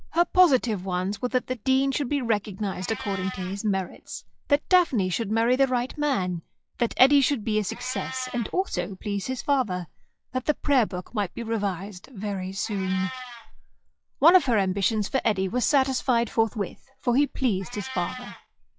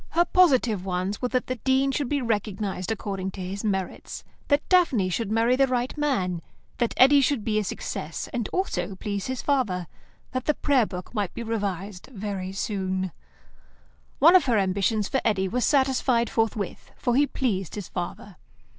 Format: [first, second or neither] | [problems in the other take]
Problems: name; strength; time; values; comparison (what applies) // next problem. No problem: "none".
second | noise reduction (classical method log-MMSE)